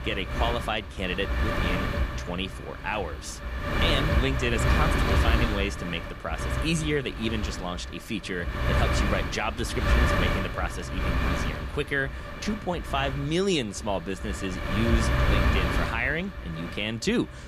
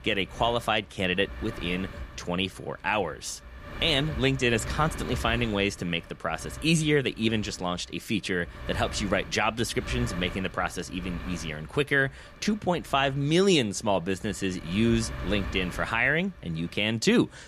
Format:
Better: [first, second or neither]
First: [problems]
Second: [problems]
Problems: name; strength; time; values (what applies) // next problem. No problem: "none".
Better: second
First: wind noise on the microphone; heavy; as loud as the speech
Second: wind noise on the microphone; occasional gusts; 15 dB below the speech